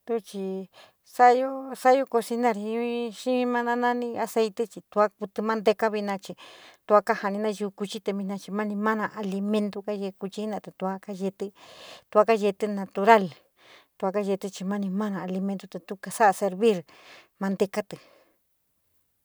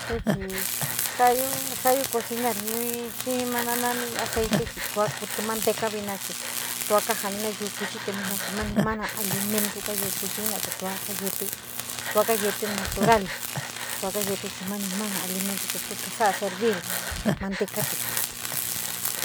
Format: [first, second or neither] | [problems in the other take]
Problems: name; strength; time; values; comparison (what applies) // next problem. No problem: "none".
first | background sound (Breathing + Tools); 1 dB below the speech